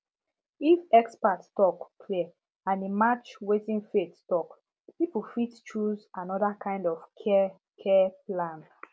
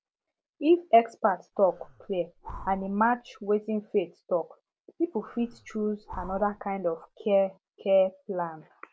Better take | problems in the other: first | background sound (Breathing); 19 dB below the speech

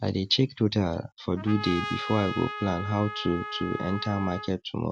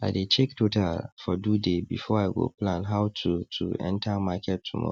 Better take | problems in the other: second | background sound (Trumpet); 9 dB below the speech

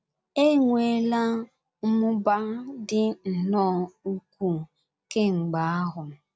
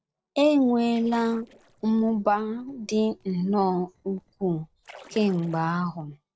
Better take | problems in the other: first | noise reduction (neural separator model SepFormer DNS4)

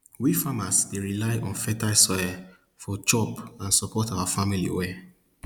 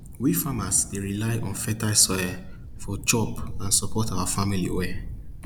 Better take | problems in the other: first | background sound (Thunder); 7 dB below the speech

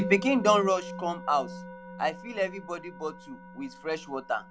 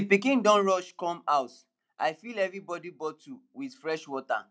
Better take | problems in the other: second | background sound (Musical instrument); 11 dB below the speech

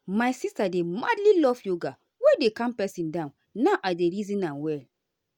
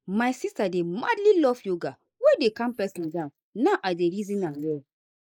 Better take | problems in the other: first | noise reduction (neural mask model Resemble Enhance denoiser)

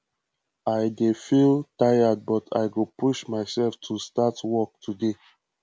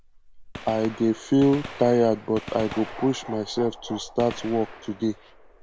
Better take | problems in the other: first | background sound (Bark + Gunshot, gunfire); 15 dB below the speech

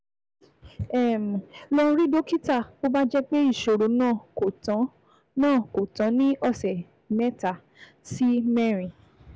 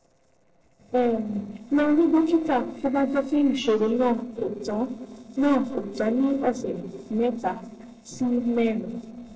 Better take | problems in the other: first | noise reduction (neural separator model SepFormer DNS4)

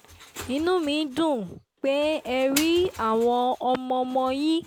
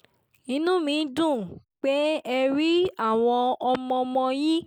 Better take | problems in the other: second | background sound (Engine); 16 dB below the speech

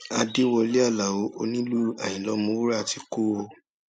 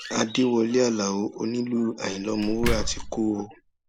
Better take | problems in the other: first | background sound (Slam); 9 dB below the speech

